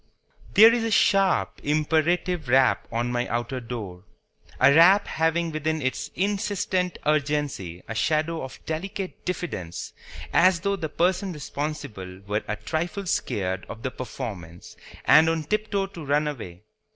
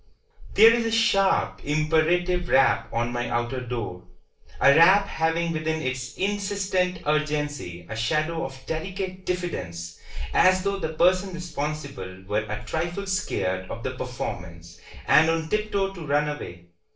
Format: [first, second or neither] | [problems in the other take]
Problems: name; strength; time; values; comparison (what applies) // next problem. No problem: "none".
first | room echo; dies away in 0.3 s